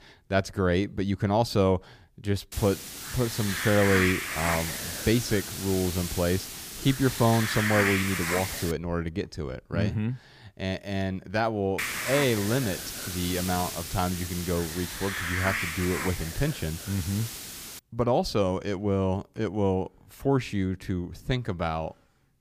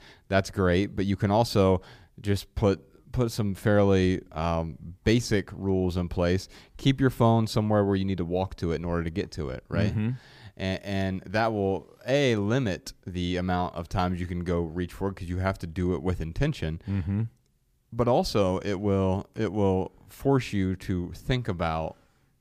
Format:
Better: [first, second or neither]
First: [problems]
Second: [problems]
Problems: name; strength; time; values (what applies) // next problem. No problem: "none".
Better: second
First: hiss; loud; from 2.5 to 8.5 s and from 12 to 18 s; 3 dB below the speech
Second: none